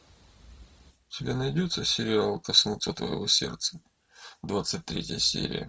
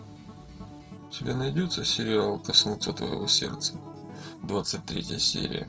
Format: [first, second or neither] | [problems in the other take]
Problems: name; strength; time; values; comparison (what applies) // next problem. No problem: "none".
first | background sound (Acoustic guitar); 14 dB below the speech